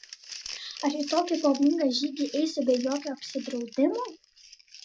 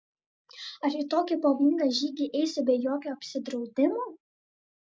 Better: second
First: background sound (Crumpling, crinkling); 16 dB below the speech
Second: none

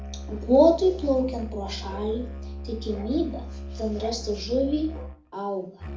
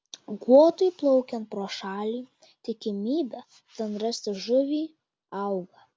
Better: second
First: background sound (Musical instrument); 10 dB below the speech // room echo; dies away in 0.4 s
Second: none

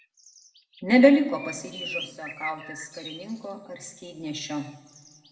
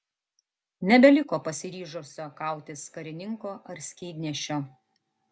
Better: second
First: background sound (Bird); 15 dB below the speech // room echo; dies away in 1.5 s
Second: none

